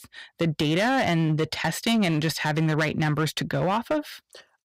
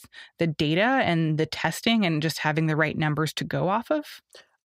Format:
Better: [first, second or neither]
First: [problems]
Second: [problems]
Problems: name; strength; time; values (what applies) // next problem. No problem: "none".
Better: second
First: distortion; slight; 13% of the sound clipped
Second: none